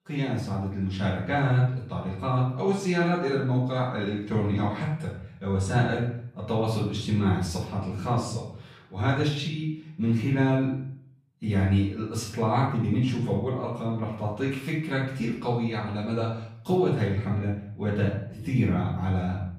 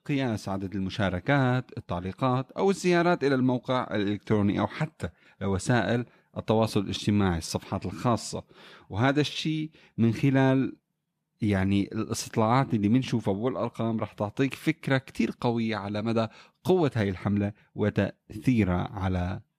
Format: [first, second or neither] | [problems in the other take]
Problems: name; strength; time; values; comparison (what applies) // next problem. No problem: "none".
second | room echo; noticeable; dies away in 0.6 s // off-mic speech; far